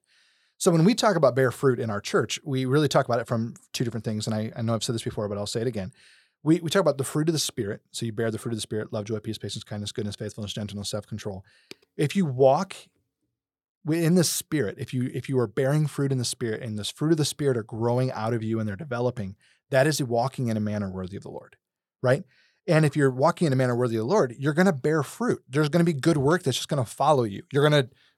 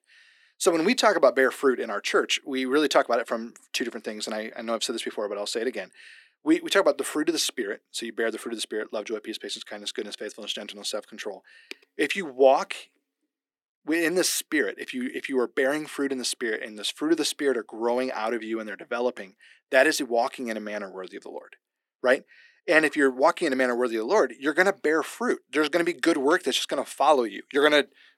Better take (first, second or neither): first